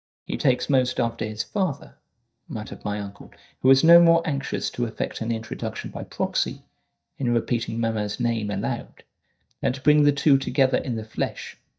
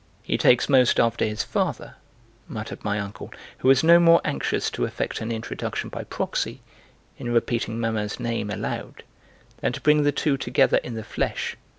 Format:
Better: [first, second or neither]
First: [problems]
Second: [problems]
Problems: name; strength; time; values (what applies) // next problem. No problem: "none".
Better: second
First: noise reduction (neural mask model DeepFilterNet 3)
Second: none